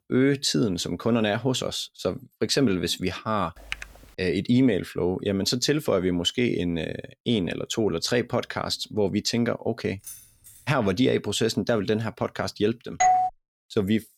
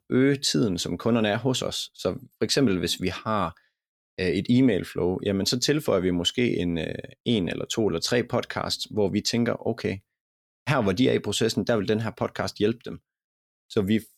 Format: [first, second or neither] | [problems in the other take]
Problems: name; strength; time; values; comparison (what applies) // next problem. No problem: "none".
second | keyboard typing; very faint; at 3.5 s; peak 10 dB below the speech // jangling keys; faint; at 10 s; peak 15 dB below the speech // doorbell; loud; at 13 s; peak 4 dB above the speech